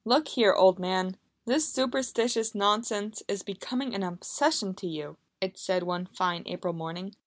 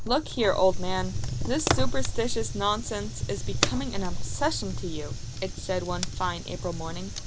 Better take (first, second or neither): first